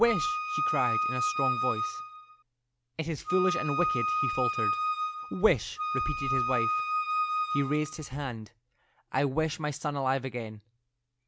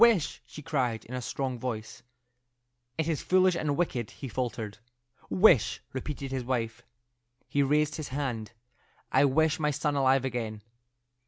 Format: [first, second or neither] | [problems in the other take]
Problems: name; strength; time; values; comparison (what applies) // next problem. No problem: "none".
second | background sound (Wind instrument, woodwind instrument); 2 dB above the speech